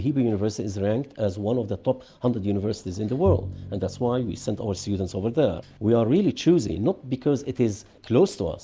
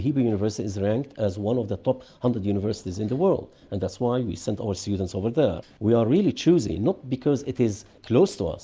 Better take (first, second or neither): second